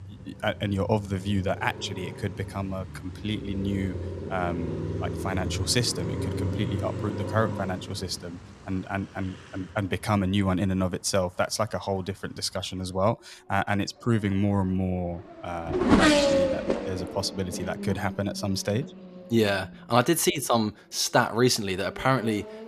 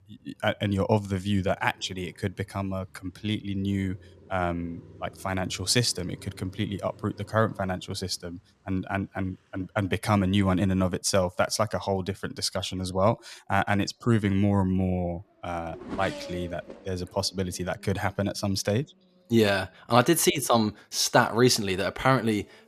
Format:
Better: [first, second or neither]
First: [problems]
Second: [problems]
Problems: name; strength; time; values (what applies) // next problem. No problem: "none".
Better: second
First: traffic noise; loud; throughout; 2 dB below the speech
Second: traffic noise; faint; throughout; 20 dB below the speech